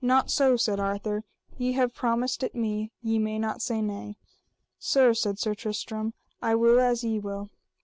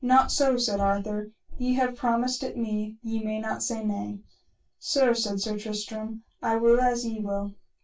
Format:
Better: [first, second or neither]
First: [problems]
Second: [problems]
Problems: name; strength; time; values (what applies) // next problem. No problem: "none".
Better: first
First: none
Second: room echo; dies away in 0.2 s